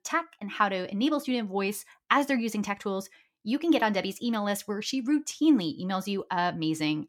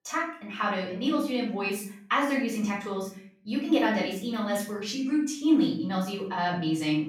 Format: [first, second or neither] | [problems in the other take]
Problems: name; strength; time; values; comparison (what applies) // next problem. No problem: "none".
first | off-mic speech; far // room echo; noticeable; dies away in 0.5 s